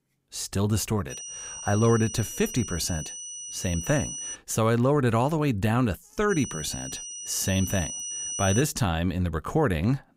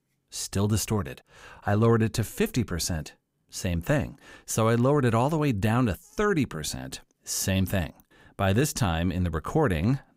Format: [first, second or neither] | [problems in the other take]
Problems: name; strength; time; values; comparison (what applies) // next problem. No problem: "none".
second | high-pitched whine; loud; from 1 to 4.5 s and from 6.5 to 8.5 s; 6 kHz, 8 dB below the speech